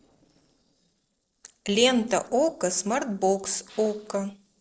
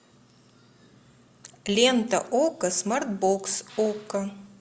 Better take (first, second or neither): second